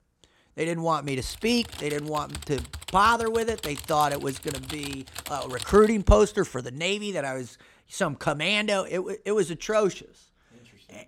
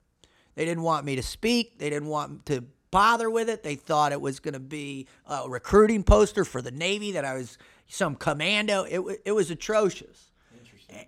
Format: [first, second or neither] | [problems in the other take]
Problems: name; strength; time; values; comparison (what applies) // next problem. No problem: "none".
second | keyboard typing; faint; from 1 to 6 s; peak 10 dB below the speech